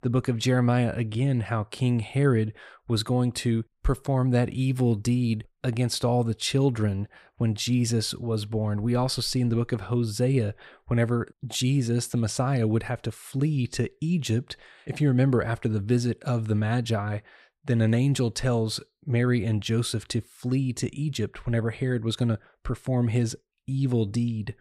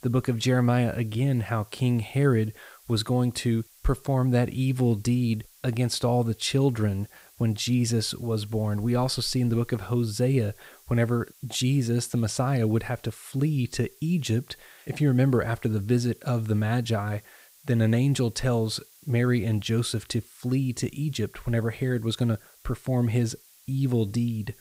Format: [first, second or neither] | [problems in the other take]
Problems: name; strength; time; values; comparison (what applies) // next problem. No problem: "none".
first | hiss; faint; throughout; 25 dB below the speech